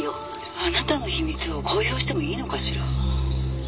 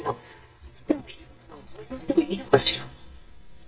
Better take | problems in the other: first | noise reduction (neural mask model DeepFilterNet 3)

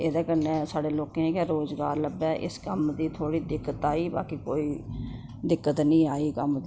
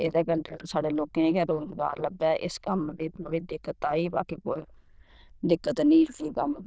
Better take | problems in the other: first | noise reduction (neural diffusion model UNIVERSE++)

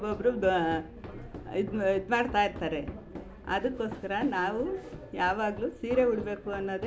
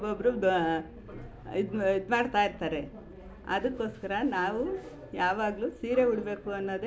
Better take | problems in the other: second | background sound (Run); 16 dB below the speech

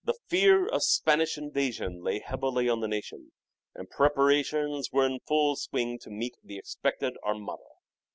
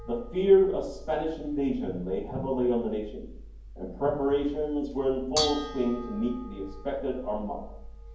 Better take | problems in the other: first | background sound (Dishes, pots, and pans / Bell); 11 dB below the speech // room echo; dies away in 0.9 s

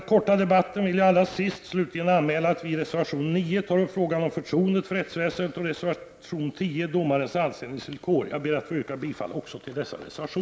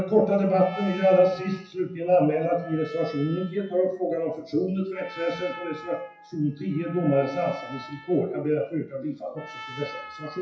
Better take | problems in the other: first | noise reduction (classical method WPE with log-MMSE)

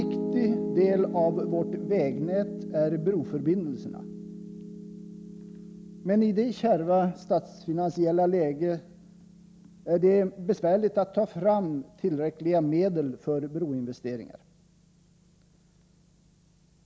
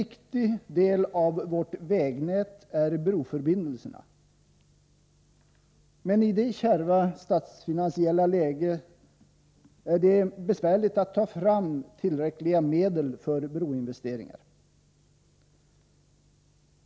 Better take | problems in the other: second | background sound (Piano); 10 dB below the speech

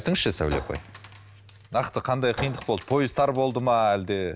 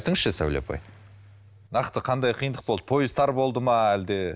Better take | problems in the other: second | background sound (Chink, clink); 15 dB below the speech

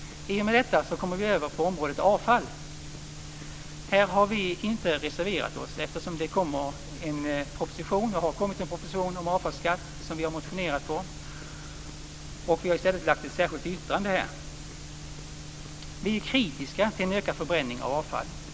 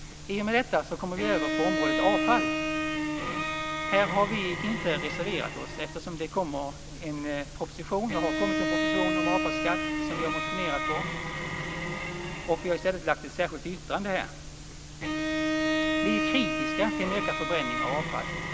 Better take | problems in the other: first | background sound (Bowed string instrument); as loud as the speech

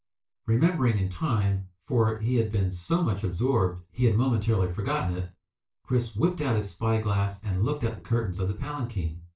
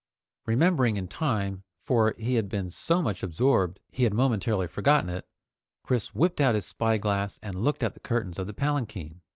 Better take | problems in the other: second | room echo; dies away in 0.2 s

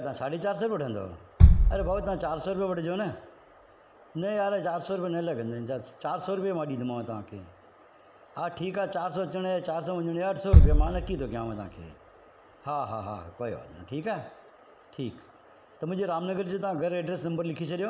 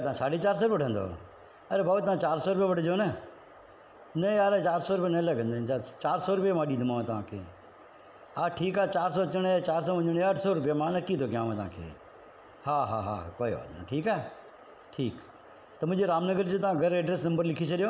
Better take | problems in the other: second | background sound (Bass drum); 3 dB above the speech

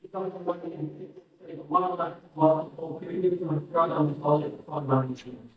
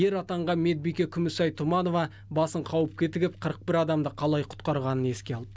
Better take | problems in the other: second | noise reduction (neural mask model DeepFilterNet 3)

